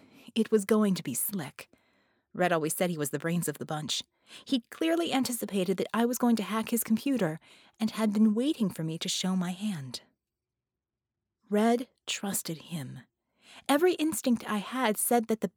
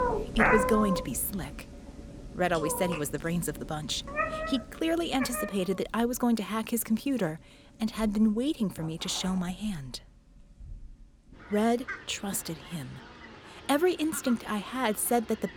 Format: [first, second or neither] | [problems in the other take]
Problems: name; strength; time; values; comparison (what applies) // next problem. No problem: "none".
first | animal sounds; loud; throughout; 5 dB below the speech